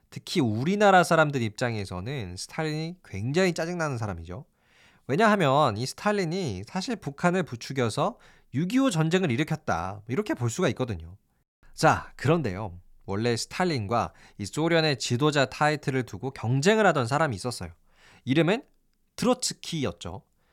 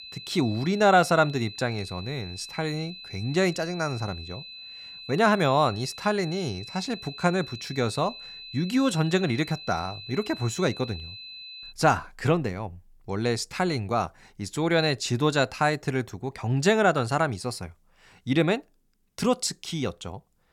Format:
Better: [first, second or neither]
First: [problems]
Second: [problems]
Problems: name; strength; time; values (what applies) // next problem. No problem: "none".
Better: first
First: none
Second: high-pitched whine; noticeable; until 12 s; 4 kHz, 15 dB below the speech